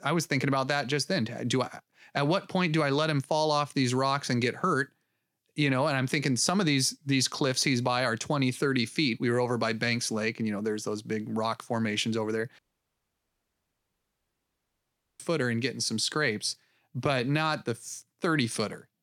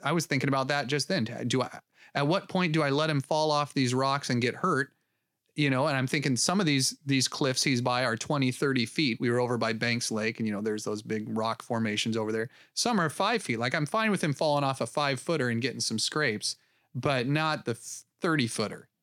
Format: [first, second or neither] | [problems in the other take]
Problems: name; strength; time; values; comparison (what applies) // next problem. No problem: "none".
second | audio cutting out; at 13 s for 2.5 s